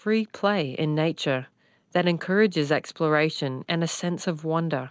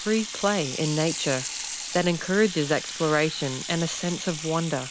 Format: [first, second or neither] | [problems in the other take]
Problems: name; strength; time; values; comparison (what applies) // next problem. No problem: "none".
first | background sound (Sink (filling or washing) / Water tap, faucet); 8 dB below the speech